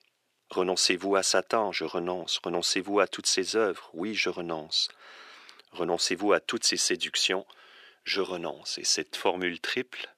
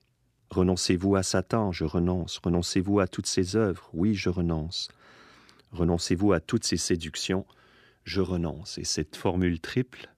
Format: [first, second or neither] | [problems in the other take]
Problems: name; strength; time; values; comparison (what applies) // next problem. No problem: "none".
second | thin; very; fading below 550 Hz